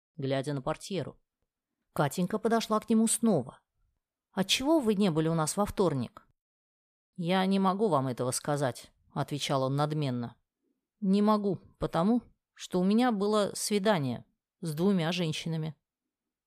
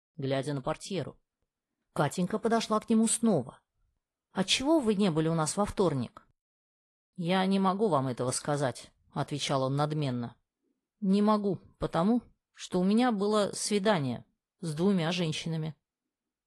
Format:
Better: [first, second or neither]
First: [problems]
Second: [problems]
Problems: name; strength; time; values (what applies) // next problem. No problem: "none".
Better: first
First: none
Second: garbled, watery; slightly